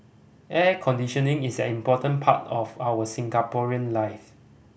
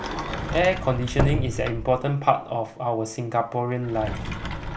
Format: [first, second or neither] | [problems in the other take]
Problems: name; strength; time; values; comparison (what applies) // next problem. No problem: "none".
first | background sound (Sliding door); 5 dB below the speech